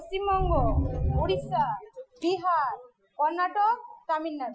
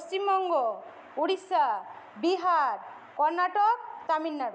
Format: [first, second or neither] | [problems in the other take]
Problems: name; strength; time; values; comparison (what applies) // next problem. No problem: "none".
second | noise reduction (classical method Wiener filter)